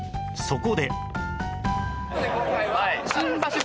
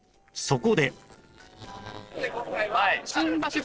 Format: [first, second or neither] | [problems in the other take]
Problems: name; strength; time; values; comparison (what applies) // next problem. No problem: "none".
first | noise reduction (neural separator model SepFormer DNS4)